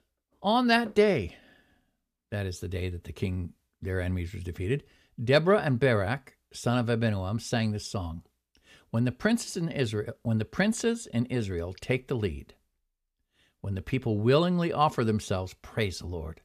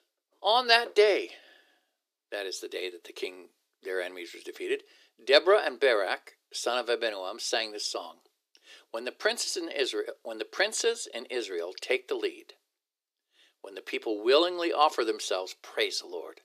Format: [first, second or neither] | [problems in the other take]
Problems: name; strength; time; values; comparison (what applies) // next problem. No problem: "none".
first | thin; very; fading below 300 Hz